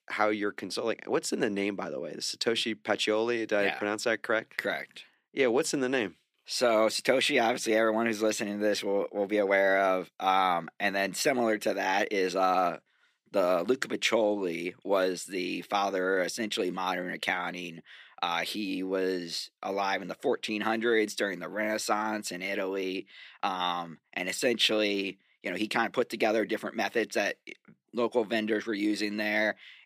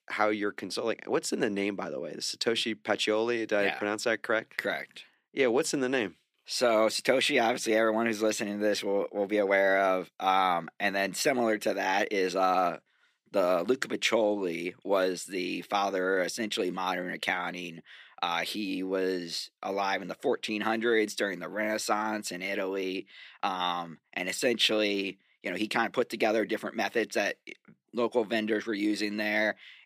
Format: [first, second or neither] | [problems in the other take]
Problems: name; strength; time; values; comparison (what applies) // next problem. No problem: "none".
neither | thin; very slightly; fading below 300 Hz; the same in both